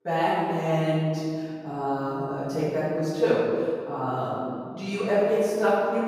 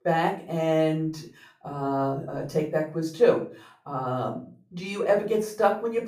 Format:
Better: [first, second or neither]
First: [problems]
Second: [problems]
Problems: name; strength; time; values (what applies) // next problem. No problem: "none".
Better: second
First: room echo; strong; dies away in 1.9 s // off-mic speech; far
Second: room echo; slight; dies away in 0.3 s // off-mic speech; far